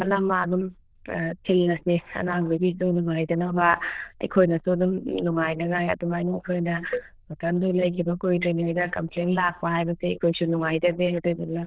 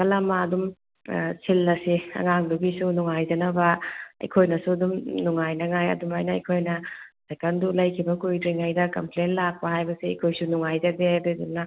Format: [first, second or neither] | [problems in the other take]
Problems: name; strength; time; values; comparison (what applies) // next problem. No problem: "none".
second | noise reduction (neural diffusion model UNIVERSE++)